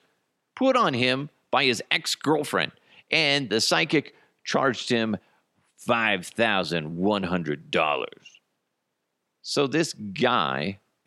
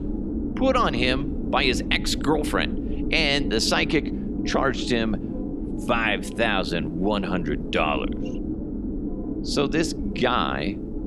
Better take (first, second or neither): first